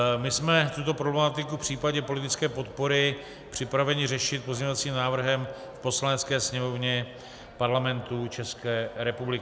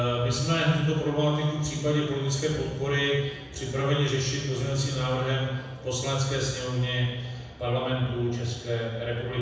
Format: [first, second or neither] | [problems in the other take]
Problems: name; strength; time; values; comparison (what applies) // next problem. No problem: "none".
first | room echo; dies away in 1.1 s